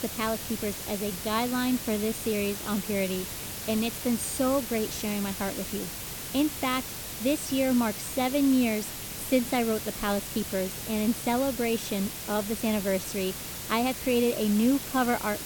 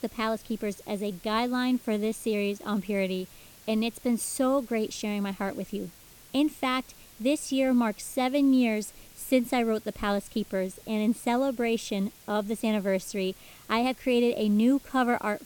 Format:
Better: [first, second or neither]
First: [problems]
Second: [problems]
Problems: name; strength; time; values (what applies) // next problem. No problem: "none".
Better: second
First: hiss; loud; throughout; 6 dB below the speech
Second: hiss; faint; throughout; 20 dB below the speech